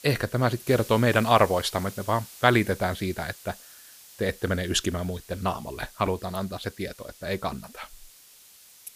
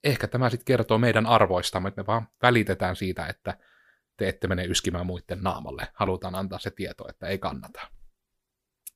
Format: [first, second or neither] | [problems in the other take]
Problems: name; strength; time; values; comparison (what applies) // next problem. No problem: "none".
second | hiss; noticeable; throughout; 20 dB below the speech